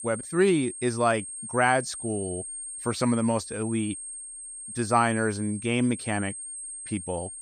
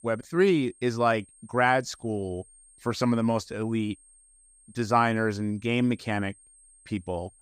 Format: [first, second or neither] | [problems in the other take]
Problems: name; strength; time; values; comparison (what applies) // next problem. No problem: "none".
second | high-pitched whine; loud; throughout; 8.5 kHz, 9 dB below the speech; faint in the second